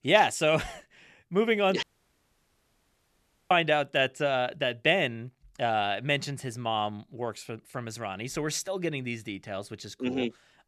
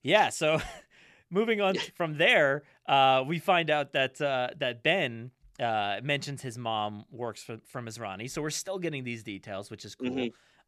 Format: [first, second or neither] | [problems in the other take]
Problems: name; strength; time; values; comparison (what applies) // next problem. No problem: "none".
second | audio cutting out; at 2 s for 1.5 s